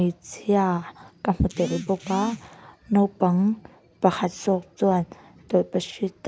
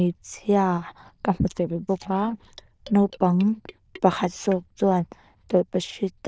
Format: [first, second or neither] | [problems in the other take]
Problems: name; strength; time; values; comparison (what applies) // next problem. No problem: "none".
first | noise reduction (neural diffusion model UNIVERSE++)